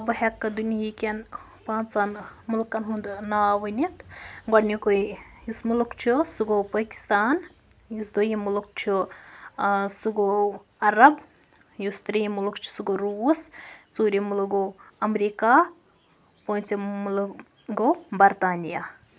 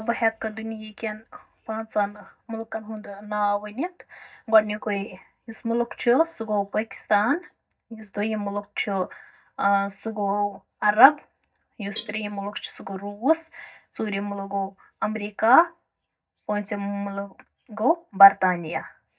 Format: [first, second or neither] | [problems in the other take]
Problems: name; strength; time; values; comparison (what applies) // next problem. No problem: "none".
first | noise reduction (neural mask model DeepFilterNet 3)